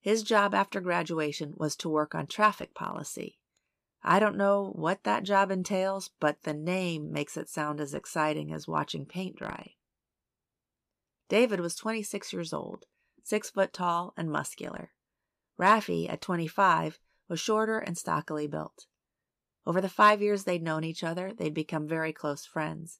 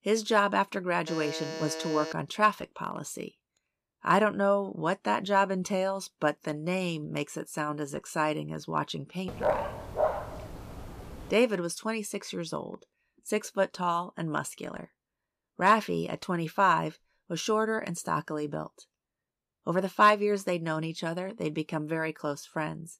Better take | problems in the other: first | alarm; noticeable; from 1 to 2 s; peak 7 dB below the speech // dog barking; noticeable; from 9.5 to 11 s; peak level with the speech

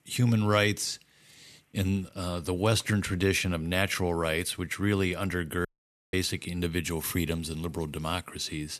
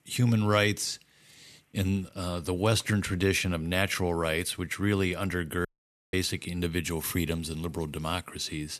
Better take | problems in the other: neither | audio cutting out; at 5.5 s; the same in both

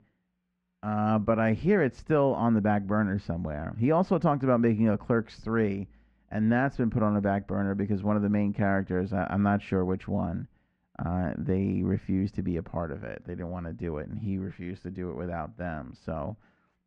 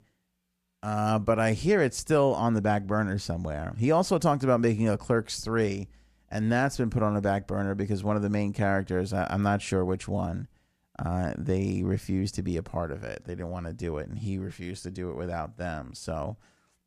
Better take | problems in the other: second | muffled; very; fading above 2 kHz

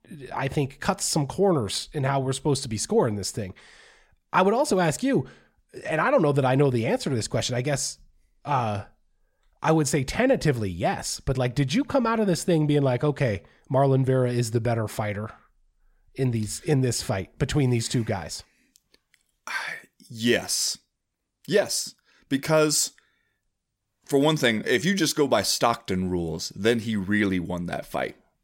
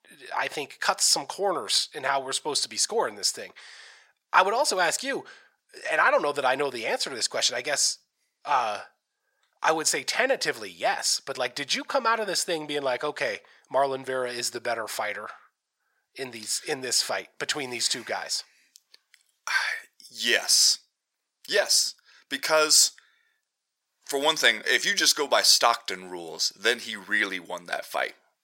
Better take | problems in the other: first | thin; very; fading below 700 Hz

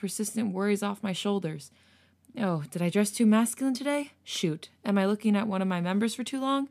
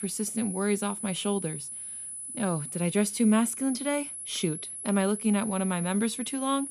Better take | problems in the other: first | high-pitched whine; loud; throughout; 10 kHz, 7 dB below the speech

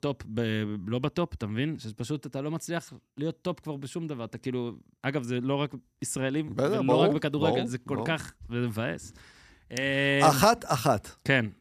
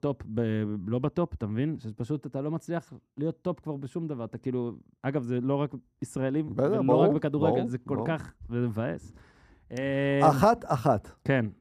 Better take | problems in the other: first | muffled; slightly; fading above 1.5 kHz

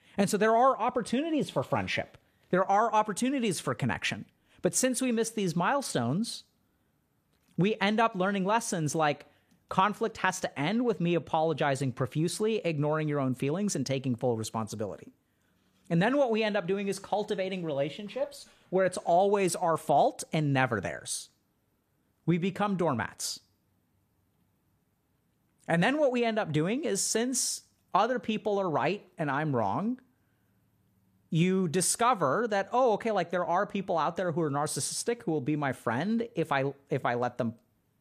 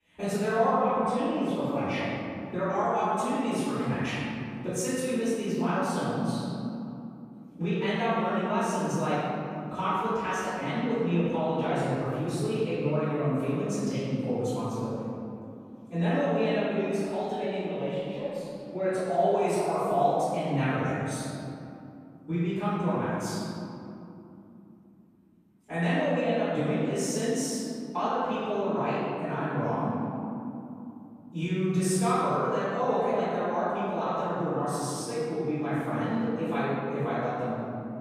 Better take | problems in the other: first | off-mic speech; far // room echo; strong; dies away in 2.9 s

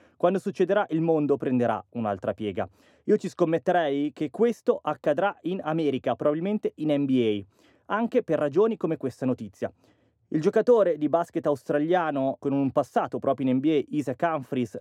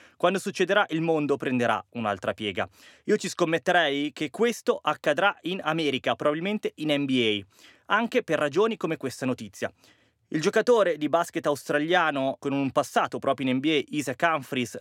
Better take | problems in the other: second | muffled; slightly; fading above 1 kHz

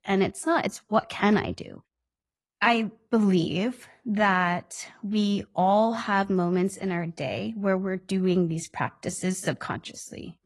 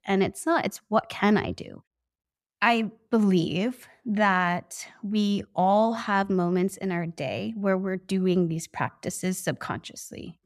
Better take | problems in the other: second | garbled, watery; slightly; nothing above 11 kHz

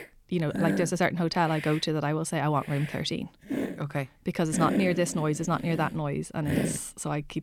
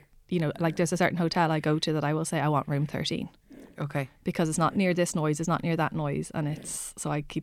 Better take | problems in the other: second | hiss; loud; throughout; 6 dB below the speech; faint in the second

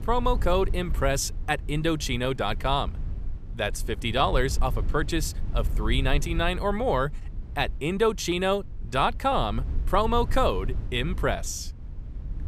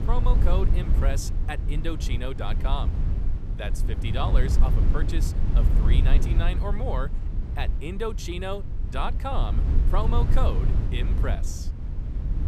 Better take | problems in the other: first | low rumble; loud; throughout; 7 dB below the speech; faint in the first

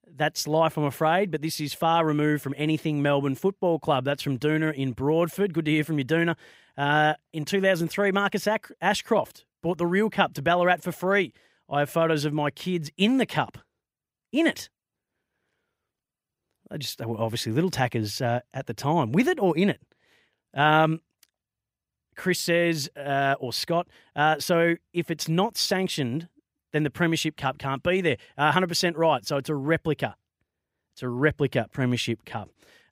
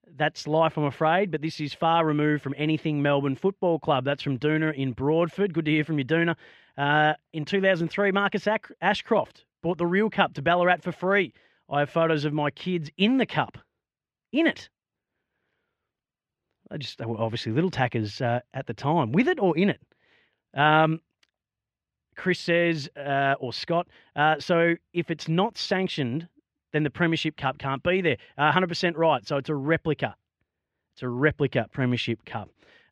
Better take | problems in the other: first | muffled; very slightly; fading above 3 kHz

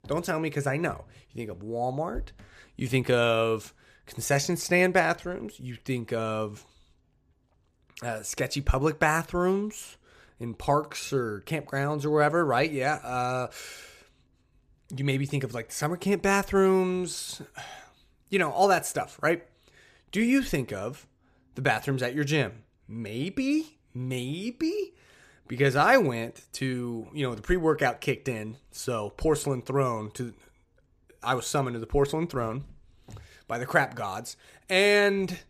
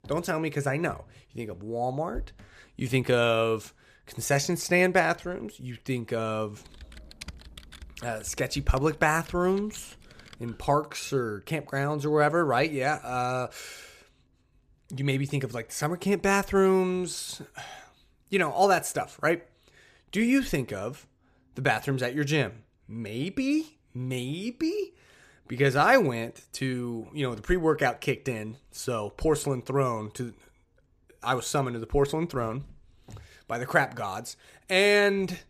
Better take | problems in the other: first | keyboard typing; faint; from 6.5 to 11 s; peak 15 dB below the speech

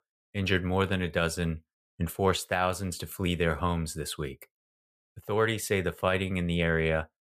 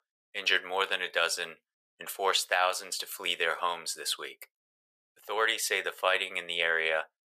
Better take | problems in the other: first | thin; very; fading below 550 Hz

